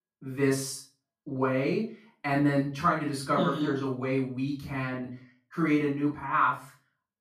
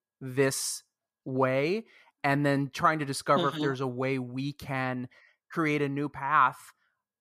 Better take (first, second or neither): second